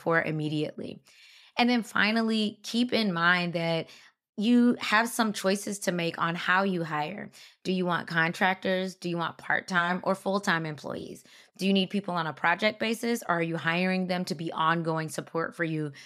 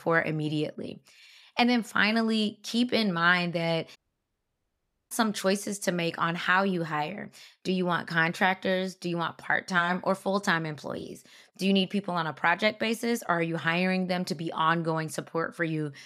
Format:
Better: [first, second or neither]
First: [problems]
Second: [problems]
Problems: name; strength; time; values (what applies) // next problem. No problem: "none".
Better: first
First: none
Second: audio cutting out; at 4 s for 1 s